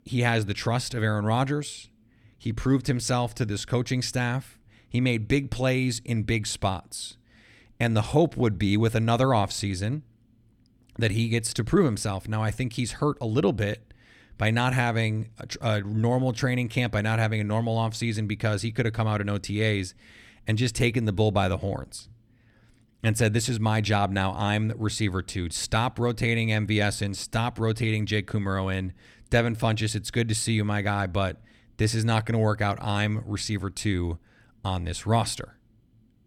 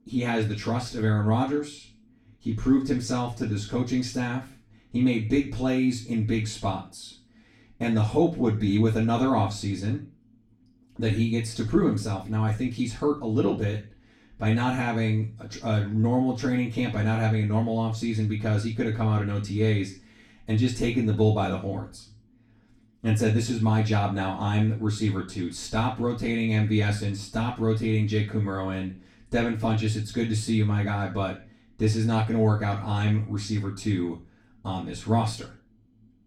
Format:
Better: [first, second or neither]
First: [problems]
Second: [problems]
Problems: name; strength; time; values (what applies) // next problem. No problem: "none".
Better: first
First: none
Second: room echo; slight; dies away in 0.3 s // off-mic speech; far